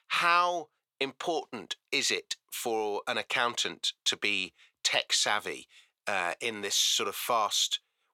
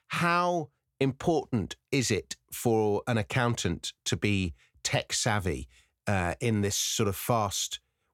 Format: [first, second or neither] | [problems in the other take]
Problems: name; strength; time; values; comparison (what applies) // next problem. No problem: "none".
second | thin; very; fading below 450 Hz